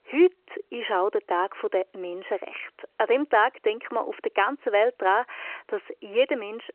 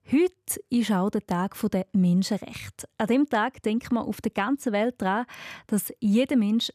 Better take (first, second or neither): second